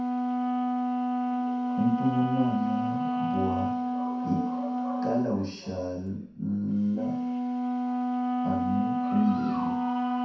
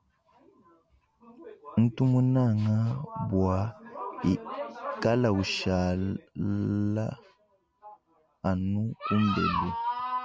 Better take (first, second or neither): second